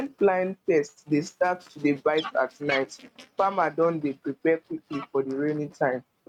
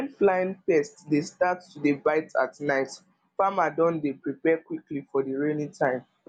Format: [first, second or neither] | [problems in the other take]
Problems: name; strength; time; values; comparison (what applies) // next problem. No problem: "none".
second | noise reduction (neural mask model RNNoise)